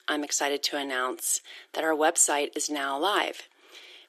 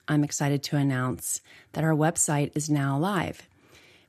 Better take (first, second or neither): second